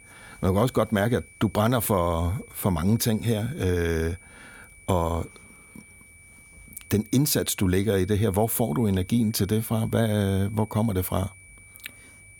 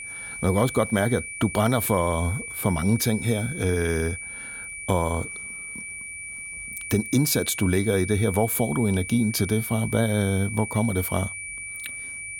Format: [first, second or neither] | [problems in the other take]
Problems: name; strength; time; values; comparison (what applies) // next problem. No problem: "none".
first | high-pitched whine; loud; throughout; 2.5 kHz, 9 dB below the speech; faint in the first